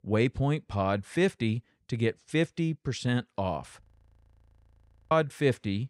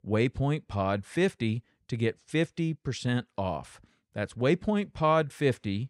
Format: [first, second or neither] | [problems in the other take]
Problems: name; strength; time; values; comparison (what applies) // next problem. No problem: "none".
second | audio freezing; at 4 s for 1.5 s